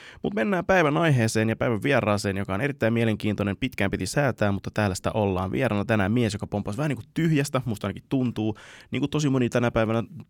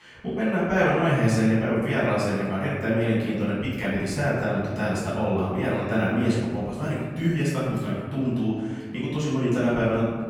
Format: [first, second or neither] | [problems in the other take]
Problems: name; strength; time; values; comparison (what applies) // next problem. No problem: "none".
first | room echo; strong; dies away in 1.4 s // off-mic speech; far